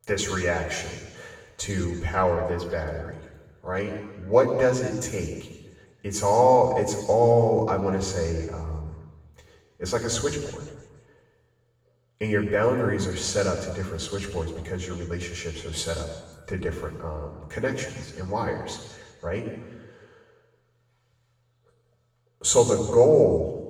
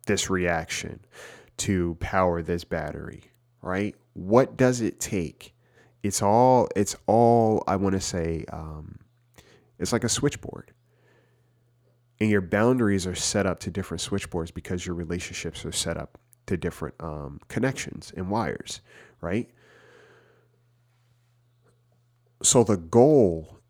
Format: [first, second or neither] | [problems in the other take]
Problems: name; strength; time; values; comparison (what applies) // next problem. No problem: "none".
second | room echo; noticeable; dies away in 1.2 s // off-mic speech; far